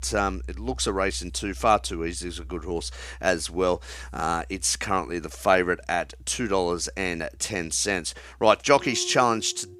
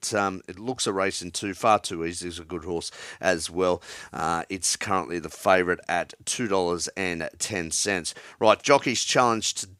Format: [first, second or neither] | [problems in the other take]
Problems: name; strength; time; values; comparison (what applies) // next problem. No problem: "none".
second | background music; noticeable; throughout; 20 dB below the speech